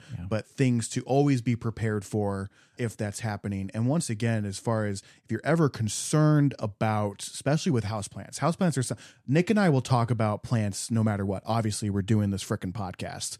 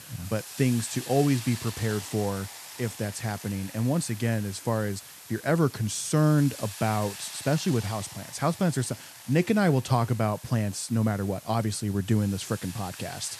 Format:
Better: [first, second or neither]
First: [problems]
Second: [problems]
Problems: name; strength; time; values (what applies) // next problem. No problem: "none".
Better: first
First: none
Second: hiss; noticeable; throughout; 15 dB below the speech